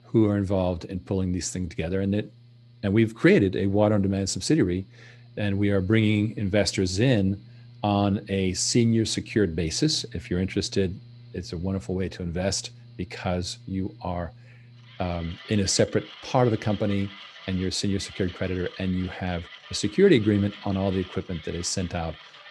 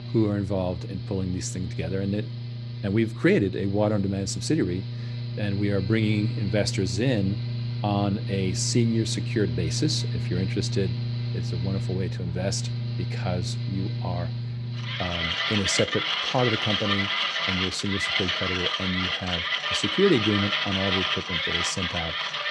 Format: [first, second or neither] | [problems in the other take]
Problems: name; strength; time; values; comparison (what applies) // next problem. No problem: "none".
first | machinery noise; loud; throughout; as loud as the speech; faint in the first